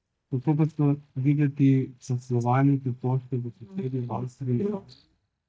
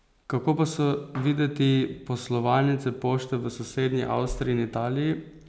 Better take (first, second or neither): second